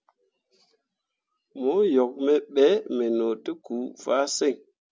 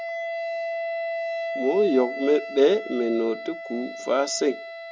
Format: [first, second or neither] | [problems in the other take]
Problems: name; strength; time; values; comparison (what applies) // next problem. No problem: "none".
first | background sound (Wind instrument, woodwind instrument); 7 dB below the speech